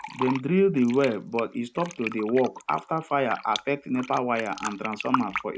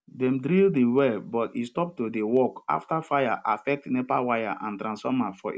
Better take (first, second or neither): second